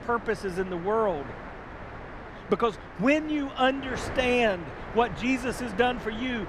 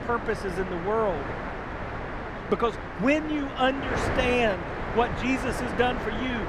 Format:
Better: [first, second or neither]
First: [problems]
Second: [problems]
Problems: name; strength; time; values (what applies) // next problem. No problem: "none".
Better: first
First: wind noise on the microphone; occasional gusts; 10 dB below the speech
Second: wind noise on the microphone; heavy; 5 dB below the speech